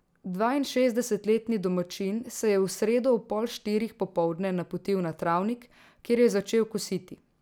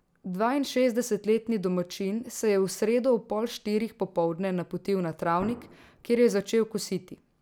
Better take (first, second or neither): first